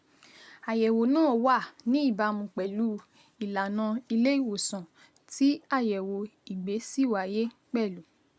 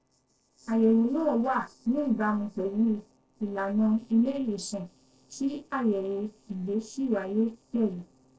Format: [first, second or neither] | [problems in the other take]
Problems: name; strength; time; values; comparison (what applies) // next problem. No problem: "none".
first | noise reduction (neural separator model SepFormer DNS4)